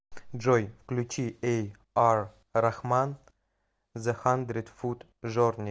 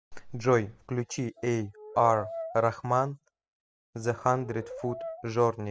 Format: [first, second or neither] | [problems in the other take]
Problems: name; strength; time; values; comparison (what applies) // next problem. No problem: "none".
first | noise reduction (classical method spectral subtraction)